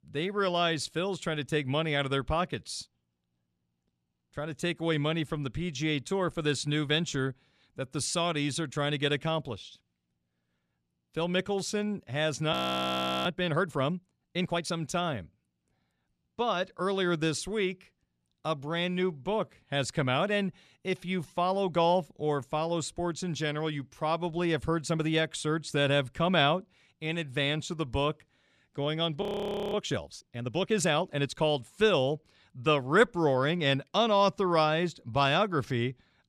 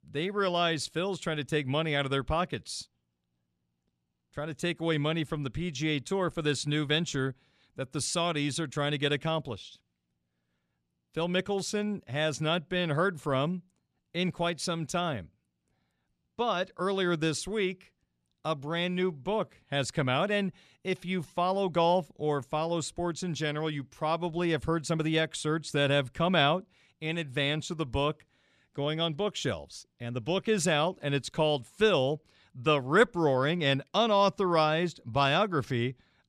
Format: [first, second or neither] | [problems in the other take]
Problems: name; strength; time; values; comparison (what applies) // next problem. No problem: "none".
second | audio freezing; at 13 s for 0.5 s and at 29 s for 0.5 s